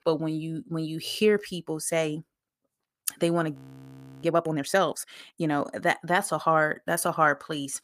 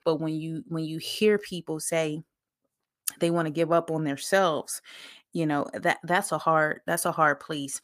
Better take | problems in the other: second | audio freezing; at 3.5 s for 0.5 s

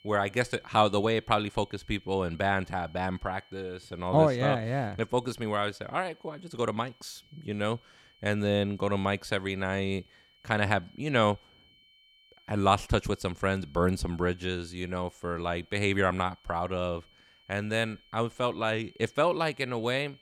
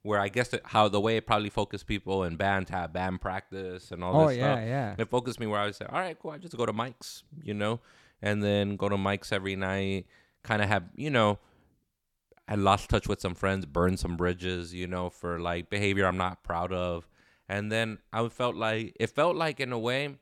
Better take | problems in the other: second | high-pitched whine; faint; throughout; 3 kHz, 30 dB below the speech

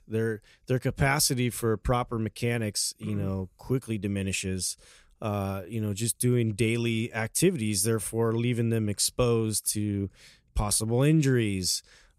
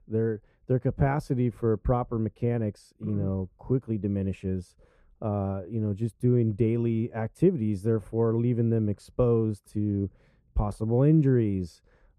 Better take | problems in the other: first | muffled; very; fading above 2 kHz

